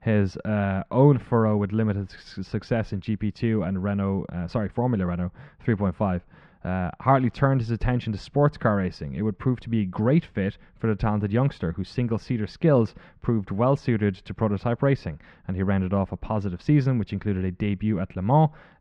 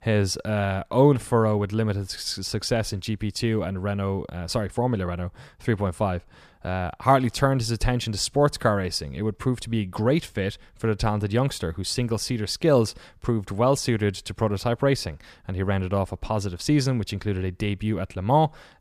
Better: second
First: muffled; very; fading above 2 kHz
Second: none

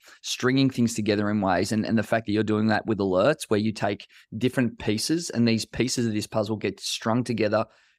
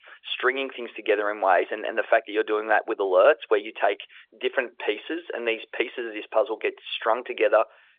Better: first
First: none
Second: phone-call audio; nothing above 3.5 kHz

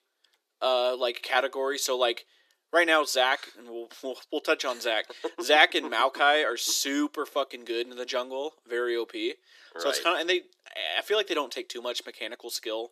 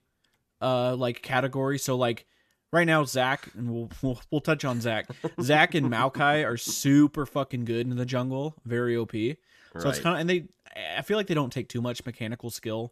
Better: second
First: thin; somewhat; fading below 350 Hz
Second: none

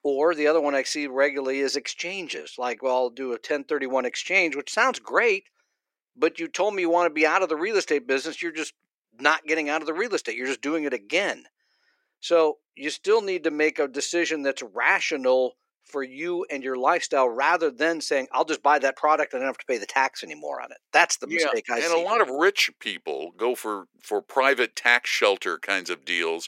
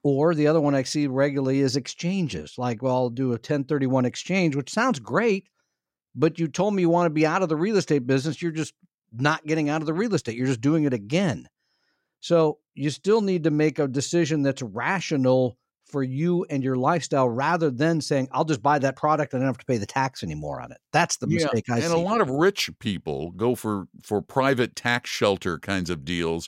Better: second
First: thin; somewhat; fading below 350 Hz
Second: none

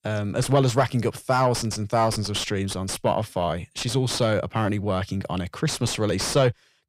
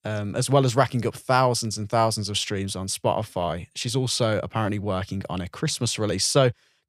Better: second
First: distortion; slight; 9 dB below the speech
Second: none

